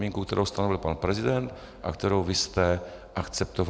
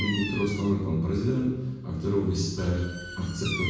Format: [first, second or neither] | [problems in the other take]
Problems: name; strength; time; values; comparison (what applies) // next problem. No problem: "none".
first | background sound (Bird vocalization, bird call, bird song); 12 dB below the speech // room echo; dies away in 1.1 s